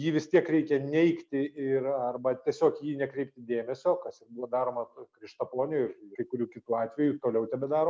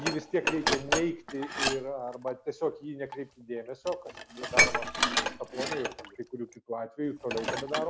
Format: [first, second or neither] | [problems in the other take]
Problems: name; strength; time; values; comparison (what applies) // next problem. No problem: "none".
first | background sound (Dishes, pots, and pans); 2 dB above the speech